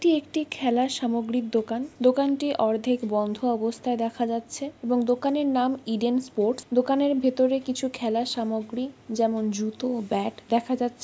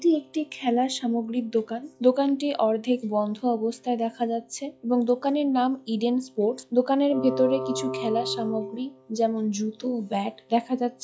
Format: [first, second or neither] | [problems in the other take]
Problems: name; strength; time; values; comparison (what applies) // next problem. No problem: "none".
first | noise reduction (classical method log-MMSE)